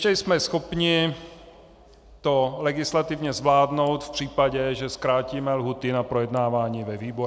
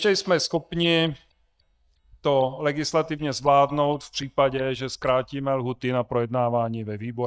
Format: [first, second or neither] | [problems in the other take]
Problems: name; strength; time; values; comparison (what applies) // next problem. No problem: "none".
first | noise reduction (neural mask model DeepFilterNet 3)